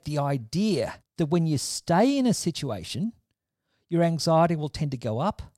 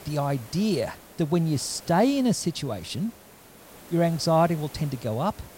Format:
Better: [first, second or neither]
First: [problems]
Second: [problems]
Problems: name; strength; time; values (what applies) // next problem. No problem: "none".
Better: first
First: none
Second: hiss; faint; throughout; 20 dB below the speech